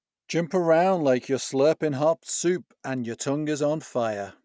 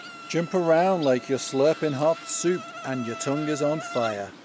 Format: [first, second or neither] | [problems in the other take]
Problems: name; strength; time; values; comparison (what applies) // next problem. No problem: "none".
first | background sound (Insect); 14 dB below the speech